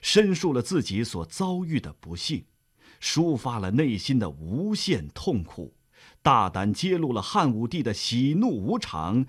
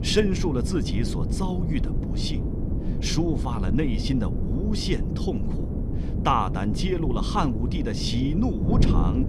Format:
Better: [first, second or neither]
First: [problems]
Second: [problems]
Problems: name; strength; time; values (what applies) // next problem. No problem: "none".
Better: first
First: none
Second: wind noise on the microphone; heavy; 7 dB below the speech